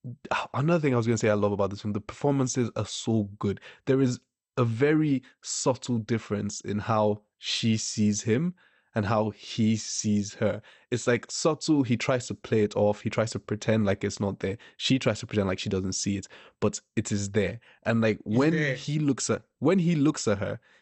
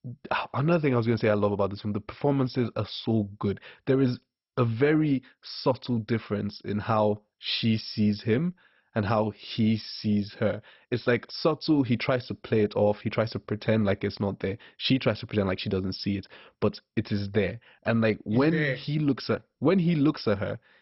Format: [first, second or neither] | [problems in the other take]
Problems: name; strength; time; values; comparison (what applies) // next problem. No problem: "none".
first | garbled, watery; badly; nothing above 5.5 kHz; slightly in the first